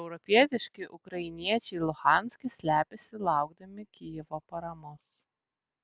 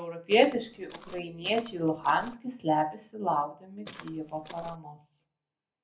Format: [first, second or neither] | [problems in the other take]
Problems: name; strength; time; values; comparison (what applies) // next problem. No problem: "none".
first | background sound (Walk, footsteps); 17 dB below the speech // room echo; dies away in 0.3 s